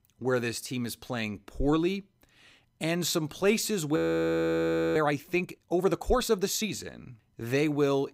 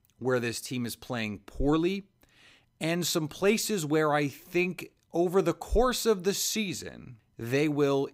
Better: second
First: audio freezing; at 4 s for 1 s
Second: none

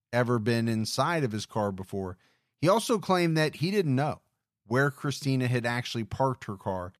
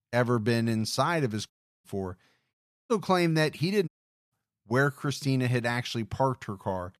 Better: first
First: none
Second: audio cutting out; at 1.5 s, at 2.5 s and at 4 s

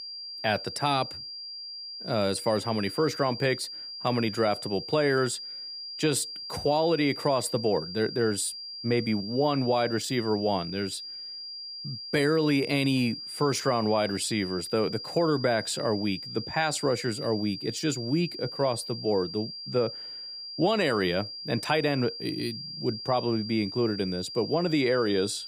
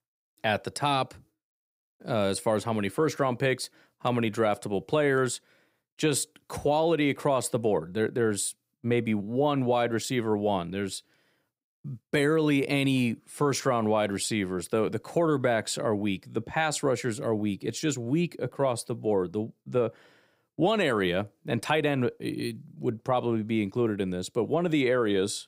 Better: second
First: high-pitched whine; loud; throughout; 5 kHz, 9 dB below the speech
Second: none

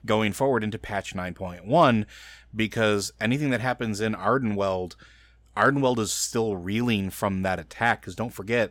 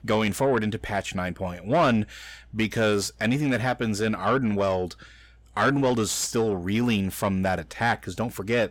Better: first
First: none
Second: distortion; slight; 10 dB below the speech

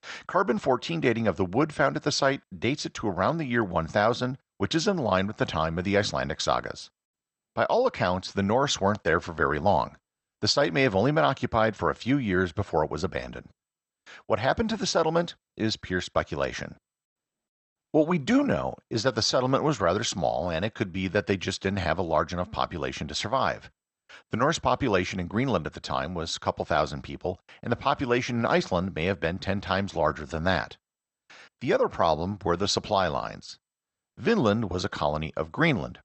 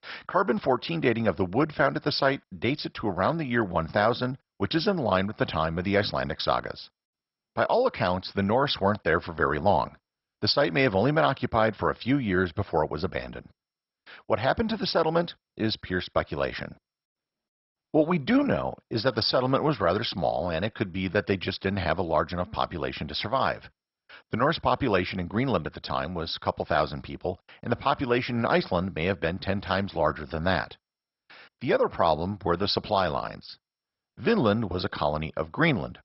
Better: first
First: garbled, watery; slightly; nothing above 8 kHz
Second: garbled, watery; badly; nothing above 5.5 kHz

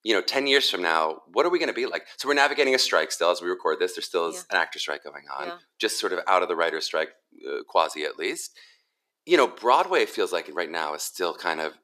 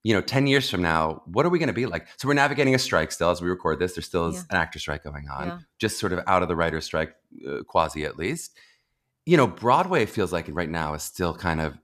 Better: second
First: thin; somewhat; fading below 350 Hz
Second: none

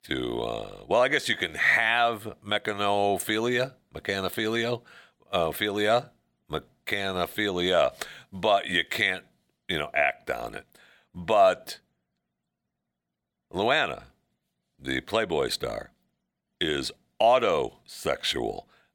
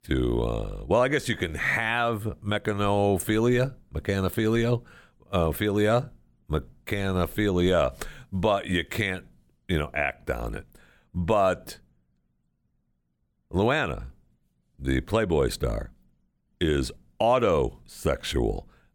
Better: second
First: thin; somewhat; fading below 400 Hz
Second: none

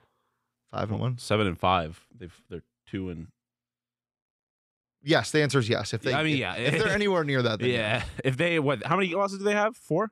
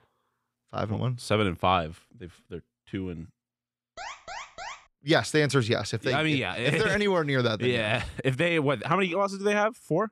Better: first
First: none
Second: alarm; faint; at 4 s; peak 10 dB below the speech

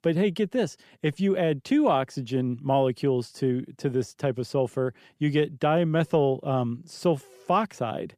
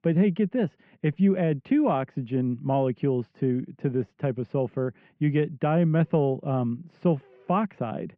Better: first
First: none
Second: muffled; very; fading above 2.5 kHz

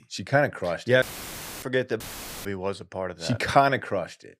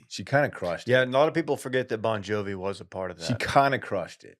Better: second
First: audio cutting out; filled with static; at 1 s for 0.5 s and at 2 s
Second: none

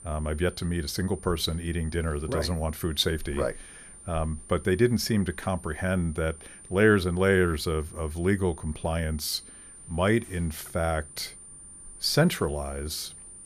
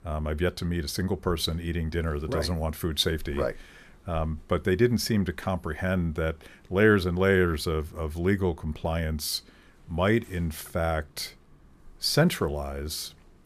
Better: second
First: high-pitched whine; noticeable; throughout; 9 kHz, 15 dB below the speech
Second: none

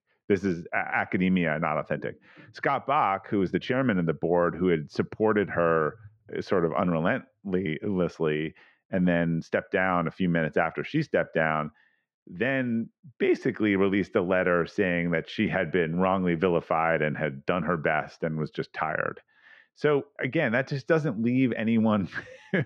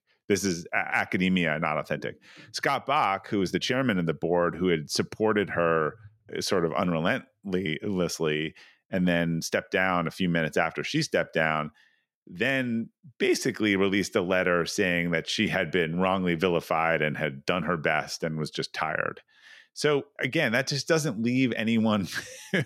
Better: second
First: muffled; very; fading above 2 kHz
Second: none

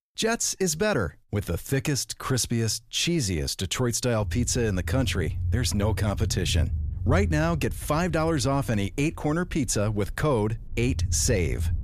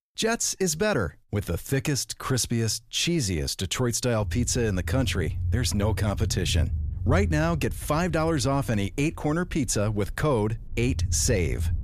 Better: neither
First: low rumble; noticeable; from 4 s on; 20 dB below the speech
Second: low rumble; noticeable; from 4 s on; 20 dB below the speech

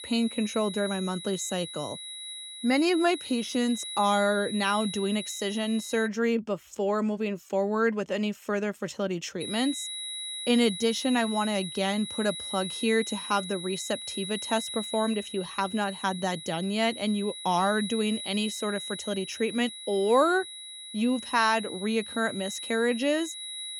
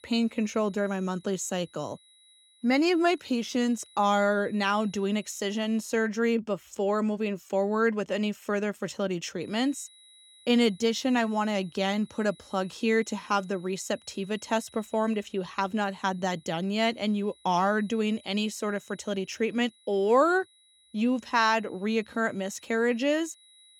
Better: second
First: high-pitched whine; loud; until 6 s and from 9.5 s on; 4 kHz, 8 dB below the speech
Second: high-pitched whine; faint; until 6 s and from 9.5 s on; 4 kHz, 30 dB below the speech

